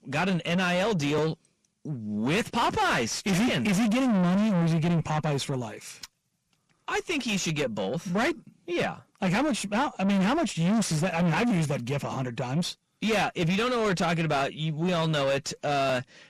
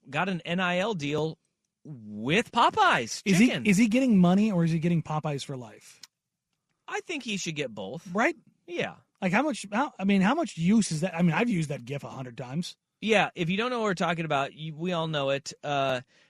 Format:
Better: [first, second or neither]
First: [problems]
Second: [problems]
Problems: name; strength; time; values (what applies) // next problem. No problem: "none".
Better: second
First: distortion; heavy; 5 dB below the speech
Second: none